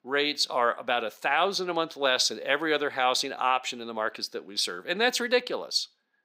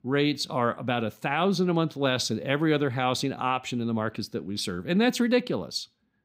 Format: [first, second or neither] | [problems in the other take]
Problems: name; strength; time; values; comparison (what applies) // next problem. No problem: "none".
second | thin; very; fading below 600 Hz